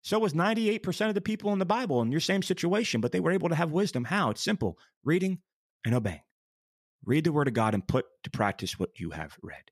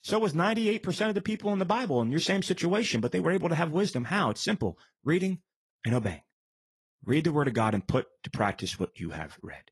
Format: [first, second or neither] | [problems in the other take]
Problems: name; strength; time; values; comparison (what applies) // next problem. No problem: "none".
first | garbled, watery; slightly; nothing above 11.5 kHz